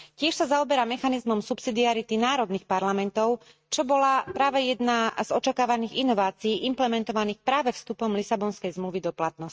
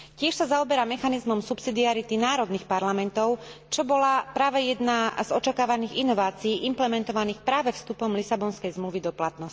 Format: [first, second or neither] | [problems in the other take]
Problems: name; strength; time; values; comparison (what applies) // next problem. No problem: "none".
second | noise reduction (neural mask model RNNoise)